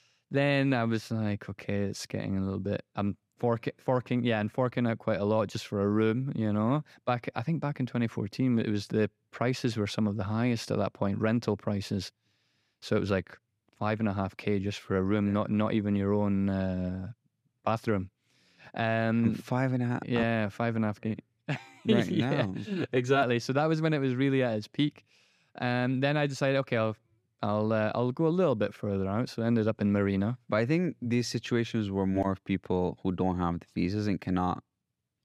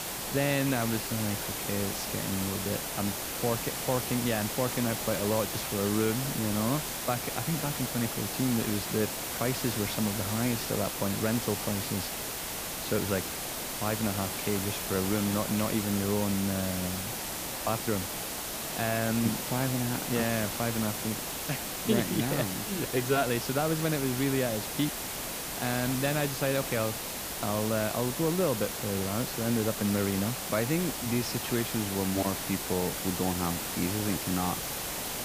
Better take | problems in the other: first | hiss; loud; throughout; 2 dB below the speech

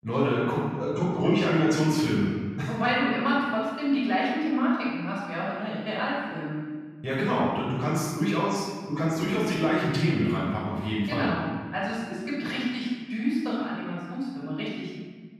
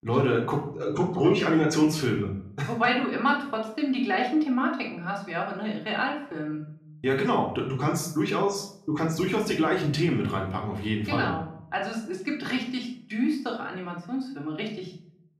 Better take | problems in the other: second | room echo; strong; dies away in 1.4 s; slight in the second // off-mic speech; far; far in the second

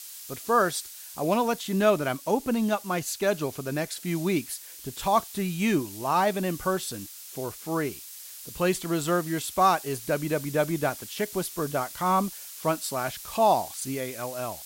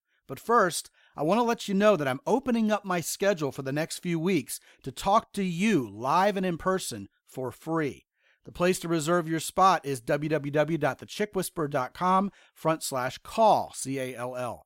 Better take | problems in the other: second | hiss; noticeable; throughout; 15 dB below the speech

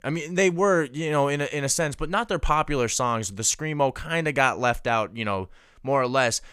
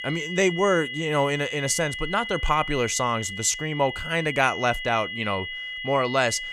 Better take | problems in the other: first | high-pitched whine; loud; throughout; 2 kHz, 7 dB below the speech

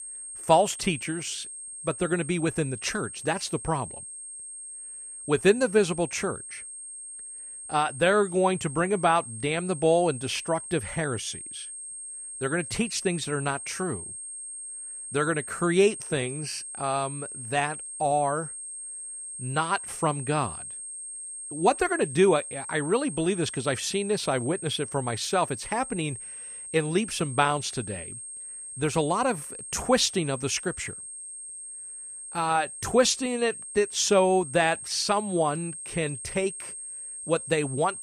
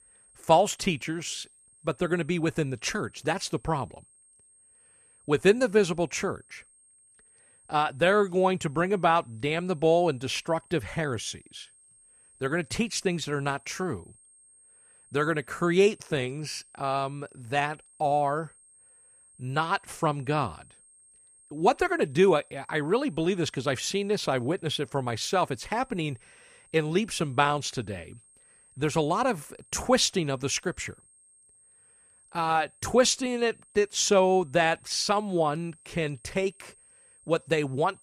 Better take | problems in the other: second | high-pitched whine; loud; throughout; 8.5 kHz, 10 dB below the speech; faint in the second

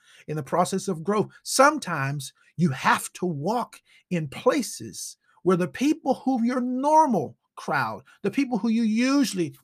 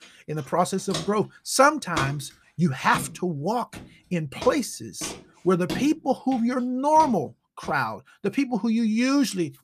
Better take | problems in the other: first | footsteps; noticeable; from 1 to 7.5 s; peak 6 dB below the speech

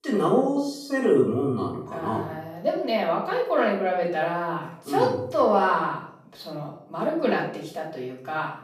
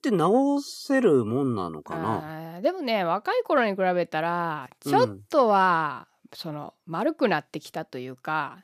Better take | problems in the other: second | off-mic speech; far // room echo; noticeable; dies away in 0.6 s

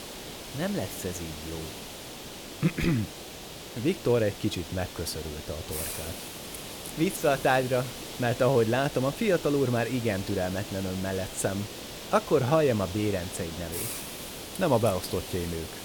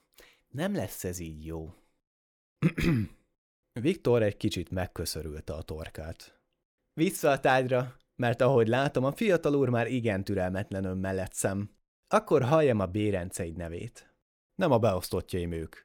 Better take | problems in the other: second | hiss; loud; throughout; 10 dB below the speech

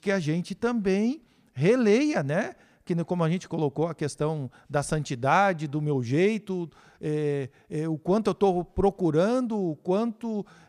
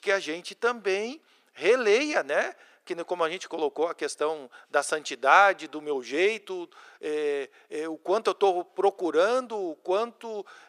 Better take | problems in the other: first | thin; very; fading below 400 Hz

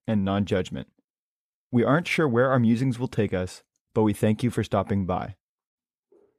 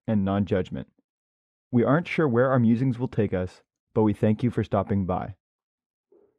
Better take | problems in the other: first | muffled; slightly; fading above 1.5 kHz

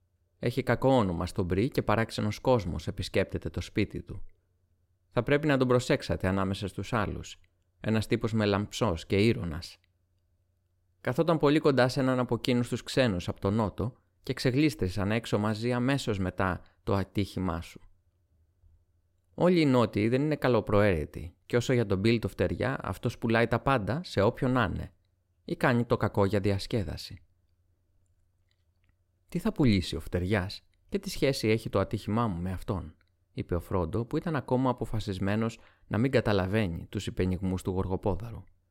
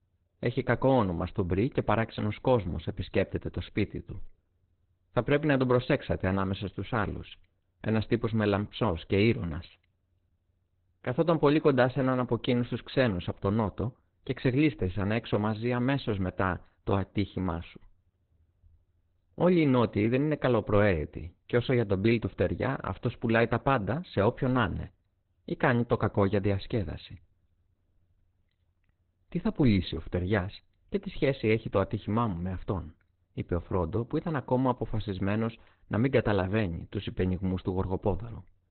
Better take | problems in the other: first | garbled, watery; badly; nothing above 4 kHz

